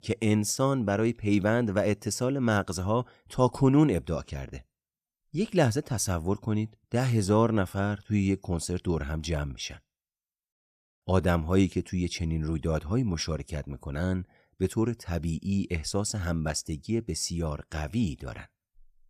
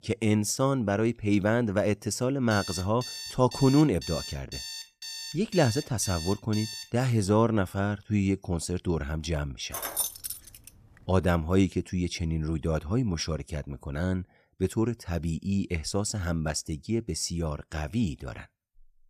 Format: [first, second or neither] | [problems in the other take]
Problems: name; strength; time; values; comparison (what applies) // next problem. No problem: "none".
first | alarm; noticeable; from 2.5 to 7 s; peak 8 dB below the speech // jangling keys; noticeable; at 9.5 s; peak 1 dB below the speech